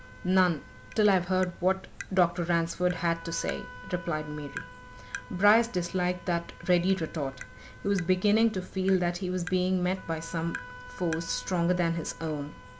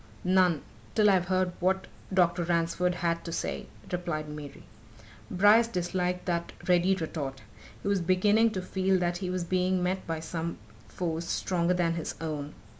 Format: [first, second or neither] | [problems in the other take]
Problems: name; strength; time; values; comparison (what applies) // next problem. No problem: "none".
second | background sound (Wind instrument, woodwind instrument + Tap); 17 dB below the speech